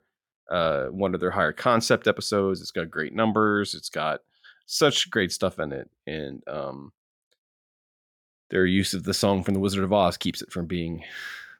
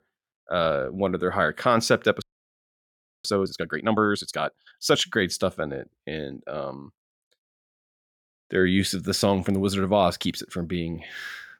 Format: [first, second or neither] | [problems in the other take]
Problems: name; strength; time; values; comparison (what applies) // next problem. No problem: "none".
first | audio freezing; at 2 s for 1 s